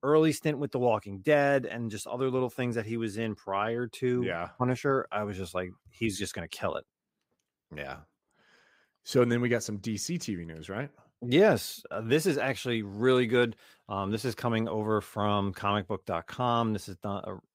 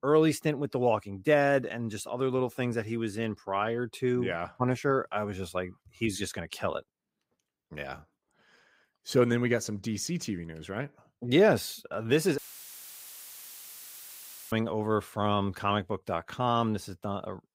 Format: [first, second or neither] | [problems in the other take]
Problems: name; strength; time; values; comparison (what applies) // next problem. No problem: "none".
first | audio cutting out; filled with static; at 12 s for 2 s